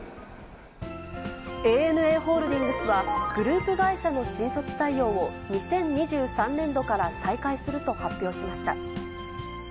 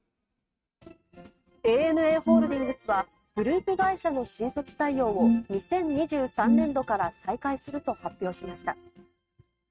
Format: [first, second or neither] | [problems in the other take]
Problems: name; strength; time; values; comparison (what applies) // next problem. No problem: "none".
first | noise reduction (neural mask model RNNoise)